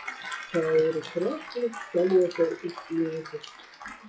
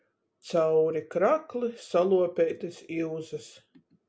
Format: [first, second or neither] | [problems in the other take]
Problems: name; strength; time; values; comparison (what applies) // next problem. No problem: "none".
second | noise reduction (classical method WPE with log-MMSE)